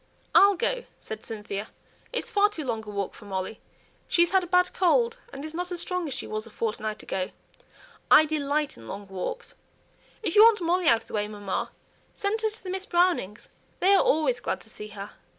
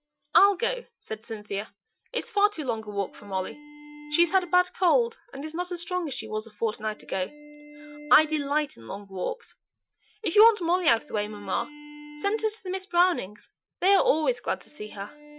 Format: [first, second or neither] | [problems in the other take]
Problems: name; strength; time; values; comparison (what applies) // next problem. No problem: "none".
first | noise reduction (classical method Wiener filter)